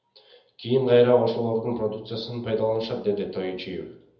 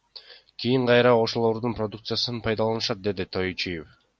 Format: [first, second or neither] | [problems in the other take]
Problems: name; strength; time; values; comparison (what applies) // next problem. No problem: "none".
second | room echo; dies away in 0.7 s